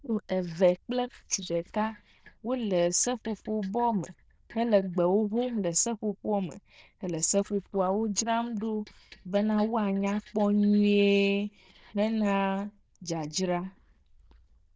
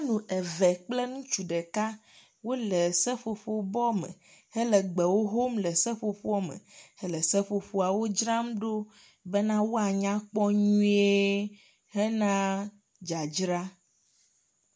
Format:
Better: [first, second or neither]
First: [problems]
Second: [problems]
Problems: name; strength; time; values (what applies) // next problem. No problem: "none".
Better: second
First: noise reduction (neural diffusion model UNIVERSE++)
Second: none